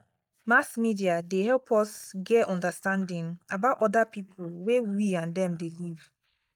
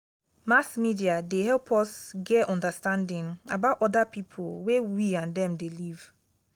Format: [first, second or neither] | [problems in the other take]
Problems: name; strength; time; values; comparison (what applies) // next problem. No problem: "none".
second | noise reduction (neural mask model DeepFilterNet 3)